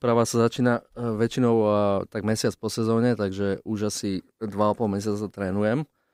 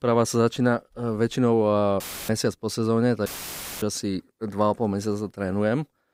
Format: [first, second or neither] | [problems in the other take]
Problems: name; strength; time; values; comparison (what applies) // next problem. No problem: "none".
first | audio cutting out; filled with static; at 2 s and at 3.5 s for 0.5 s